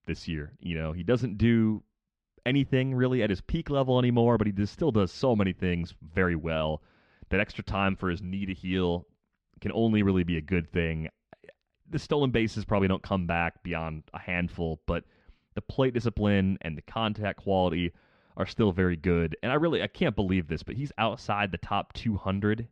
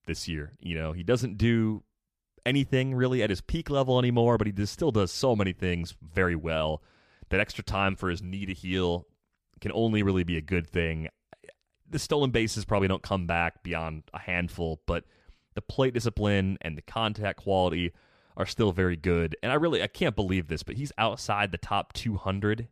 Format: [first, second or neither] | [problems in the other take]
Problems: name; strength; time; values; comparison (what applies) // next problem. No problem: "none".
second | muffled; very slightly; fading above 3.5 kHz